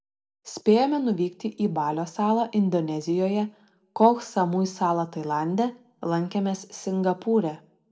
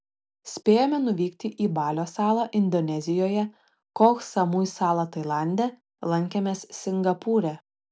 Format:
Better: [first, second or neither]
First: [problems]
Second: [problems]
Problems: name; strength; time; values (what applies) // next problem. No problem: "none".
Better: second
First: room echo; dies away in 0.4 s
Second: none